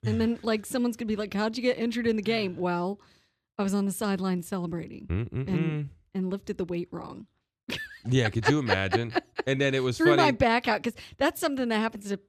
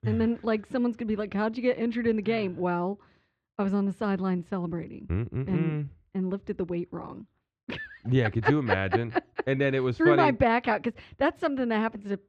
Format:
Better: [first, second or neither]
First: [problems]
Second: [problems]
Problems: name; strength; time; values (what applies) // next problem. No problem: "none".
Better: first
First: none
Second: muffled; slightly; fading above 2 kHz